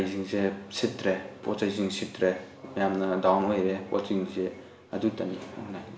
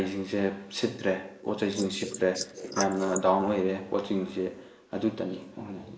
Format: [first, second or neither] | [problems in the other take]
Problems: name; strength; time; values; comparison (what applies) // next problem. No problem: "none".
first | noise reduction (neural mask model Resemble Enhance denoiser)